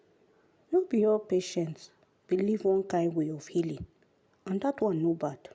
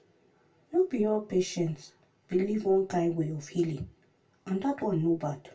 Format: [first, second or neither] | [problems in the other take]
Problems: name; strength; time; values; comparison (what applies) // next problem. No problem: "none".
first | room echo; dies away in 0.2 s